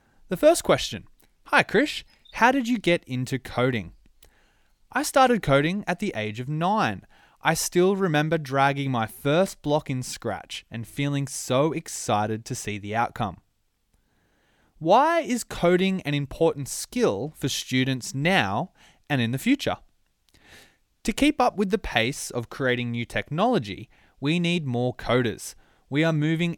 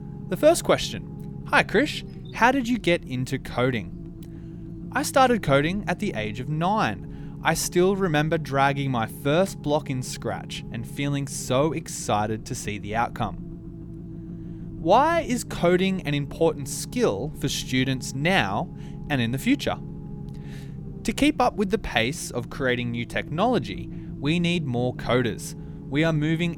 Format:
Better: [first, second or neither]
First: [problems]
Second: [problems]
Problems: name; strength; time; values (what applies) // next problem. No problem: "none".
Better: first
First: none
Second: low rumble; faint; throughout; 20 dB below the speech